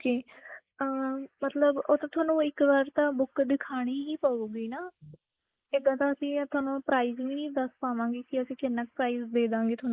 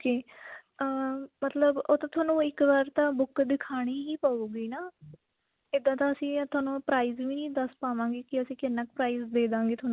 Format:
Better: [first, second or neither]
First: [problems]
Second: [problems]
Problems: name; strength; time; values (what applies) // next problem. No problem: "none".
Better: second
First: noise reduction (neural mask model Resemble Enhance denoiser)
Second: none